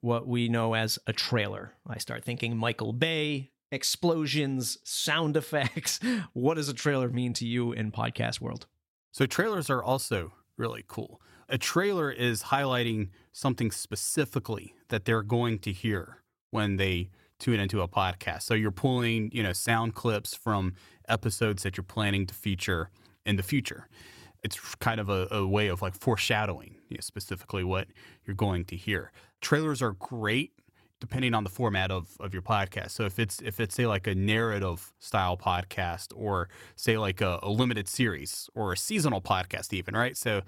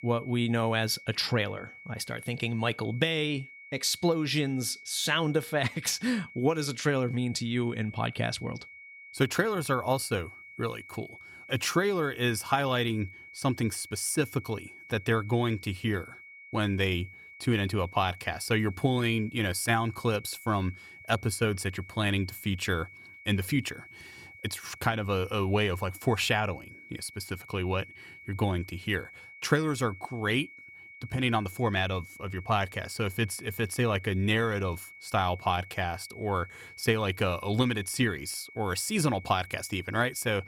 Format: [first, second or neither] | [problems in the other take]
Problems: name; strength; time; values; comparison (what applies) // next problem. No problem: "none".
first | high-pitched whine; noticeable; throughout; 2 kHz, 15 dB below the speech